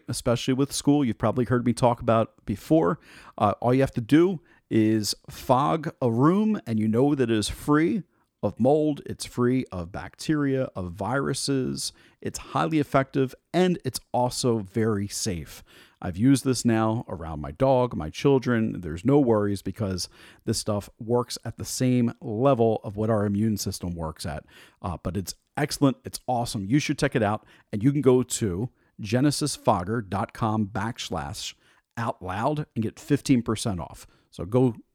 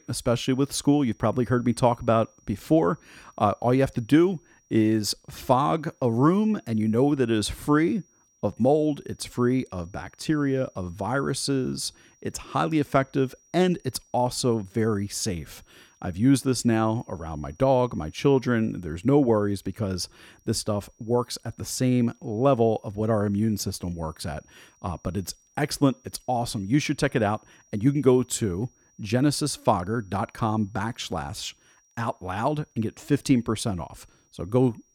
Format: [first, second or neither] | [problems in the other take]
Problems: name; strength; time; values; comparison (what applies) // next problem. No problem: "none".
first | high-pitched whine; faint; throughout; 5.5 kHz, 35 dB below the speech